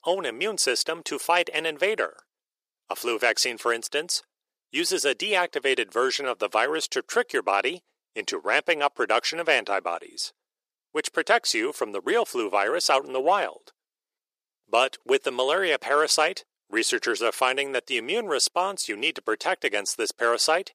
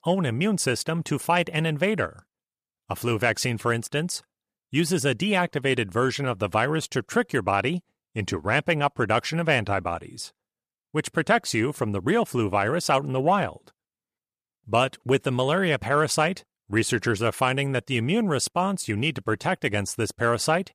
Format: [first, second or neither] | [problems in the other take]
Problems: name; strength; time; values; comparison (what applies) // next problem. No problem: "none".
second | thin; very; fading below 400 Hz